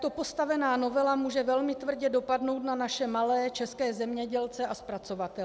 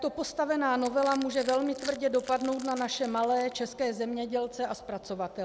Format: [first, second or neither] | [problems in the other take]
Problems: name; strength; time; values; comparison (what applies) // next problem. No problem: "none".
first | background sound (Crushing); 17 dB below the speech